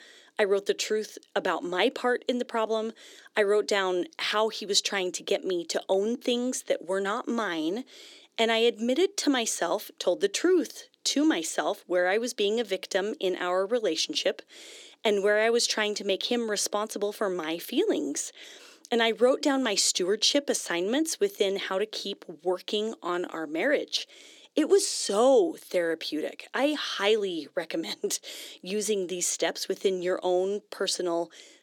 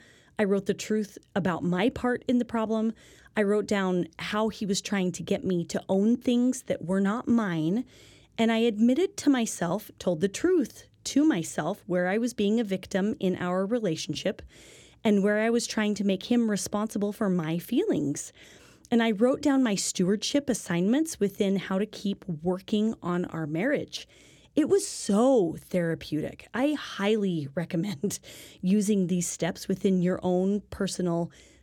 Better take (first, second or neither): second